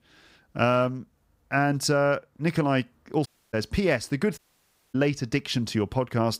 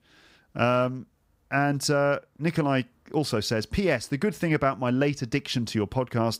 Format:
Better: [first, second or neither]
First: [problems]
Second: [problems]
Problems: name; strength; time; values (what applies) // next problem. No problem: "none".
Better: second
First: audio cutting out; at 3.5 s and at 4.5 s for 0.5 s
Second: none